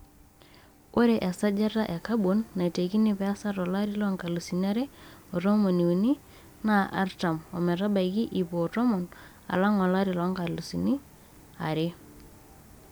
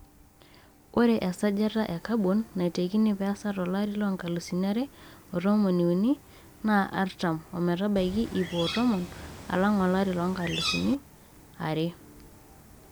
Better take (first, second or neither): first